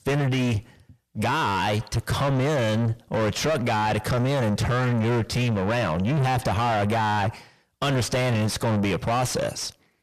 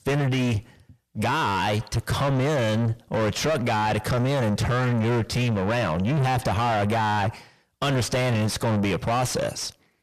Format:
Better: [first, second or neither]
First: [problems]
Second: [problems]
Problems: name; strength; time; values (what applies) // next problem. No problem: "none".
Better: neither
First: distortion; heavy; 6 dB below the speech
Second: distortion; heavy; 6 dB below the speech